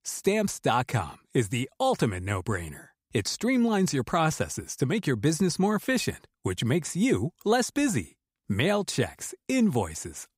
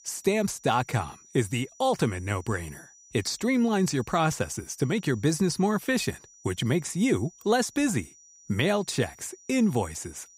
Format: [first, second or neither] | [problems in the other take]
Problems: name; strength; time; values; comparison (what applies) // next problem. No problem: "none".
first | high-pitched whine; faint; throughout; 6 kHz, 25 dB below the speech